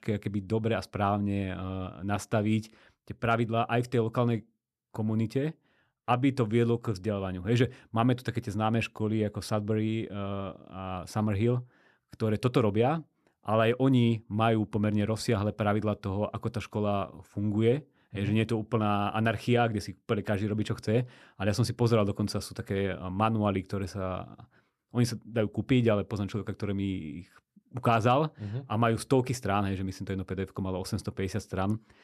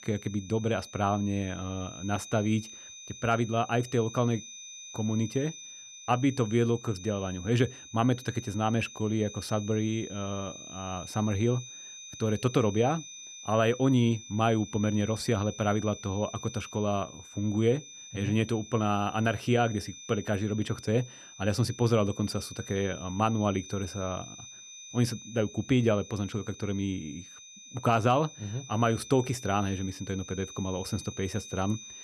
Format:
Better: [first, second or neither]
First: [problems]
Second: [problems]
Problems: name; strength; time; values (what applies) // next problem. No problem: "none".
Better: first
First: none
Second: high-pitched whine; noticeable; throughout; 6 kHz, 15 dB below the speech